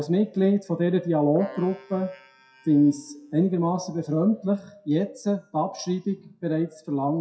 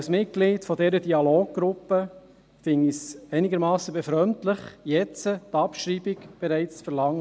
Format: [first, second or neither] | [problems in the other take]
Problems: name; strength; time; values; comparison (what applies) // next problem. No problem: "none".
second | noise reduction (classical method WPE with log-MMSE)